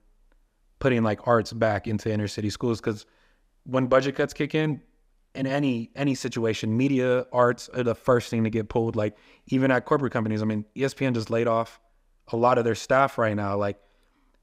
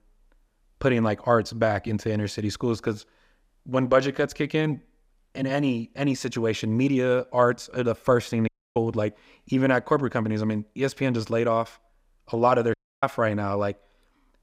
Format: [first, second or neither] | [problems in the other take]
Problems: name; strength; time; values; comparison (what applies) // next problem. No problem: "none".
first | audio cutting out; at 8.5 s and at 13 s